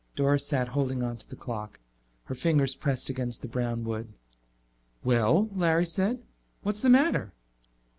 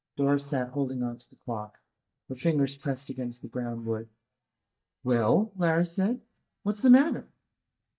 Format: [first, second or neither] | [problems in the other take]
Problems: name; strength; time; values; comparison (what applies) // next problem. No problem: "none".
first | noise reduction (neural mask model DeepFilterNet 3)